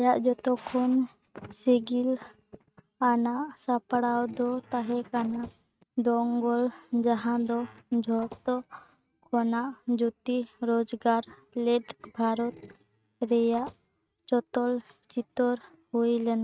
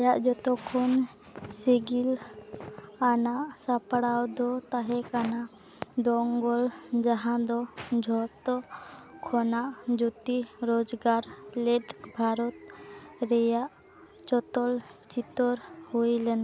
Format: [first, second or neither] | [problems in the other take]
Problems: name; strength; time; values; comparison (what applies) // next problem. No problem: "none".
second | noise reduction (neural mask model RNNoise)